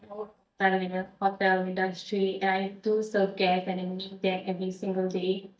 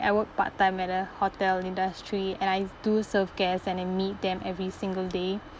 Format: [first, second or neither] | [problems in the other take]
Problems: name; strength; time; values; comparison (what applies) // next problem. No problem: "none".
second | noise reduction (neural mask model DeepFilterNet 3)